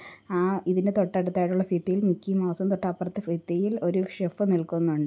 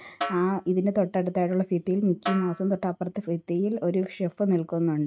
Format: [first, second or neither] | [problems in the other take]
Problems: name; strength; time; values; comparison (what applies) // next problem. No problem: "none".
first | noise reduction (neural mask model RNNoise)